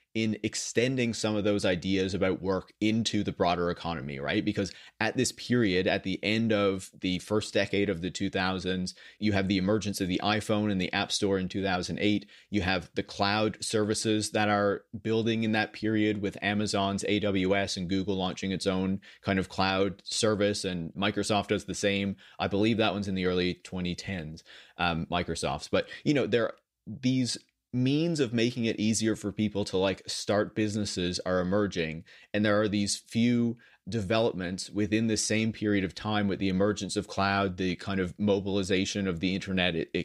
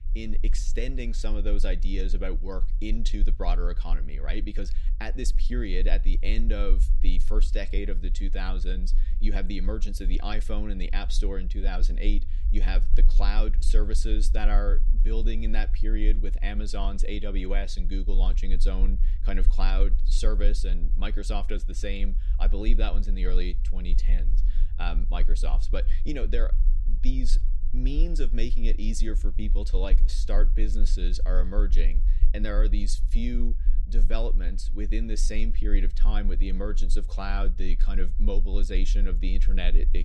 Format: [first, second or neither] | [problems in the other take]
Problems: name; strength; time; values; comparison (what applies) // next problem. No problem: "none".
first | low rumble; noticeable; throughout; 15 dB below the speech